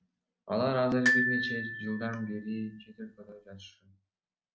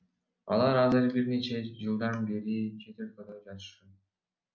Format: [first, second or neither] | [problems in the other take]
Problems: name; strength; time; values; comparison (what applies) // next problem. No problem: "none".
second | background sound (Glockenspiel); as loud as the speech